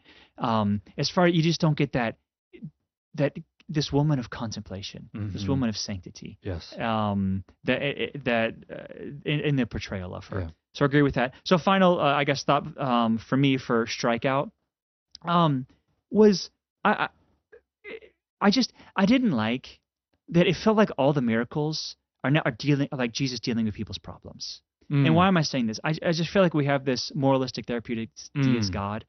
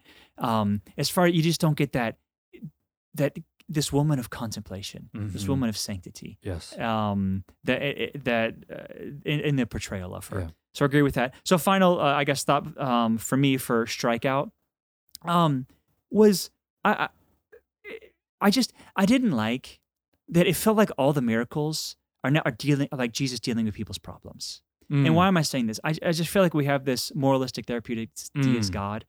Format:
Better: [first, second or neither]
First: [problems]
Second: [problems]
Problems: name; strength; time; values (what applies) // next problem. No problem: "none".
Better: second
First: garbled, watery; slightly; nothing above 6 kHz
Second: none